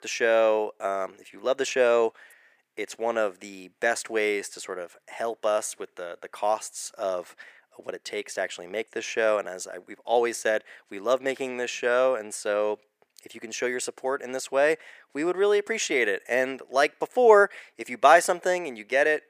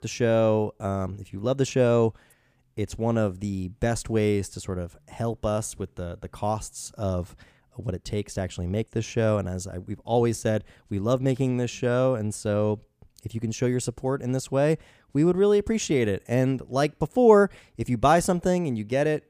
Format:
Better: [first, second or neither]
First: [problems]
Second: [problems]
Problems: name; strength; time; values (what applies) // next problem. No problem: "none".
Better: second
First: thin; very; fading below 400 Hz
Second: none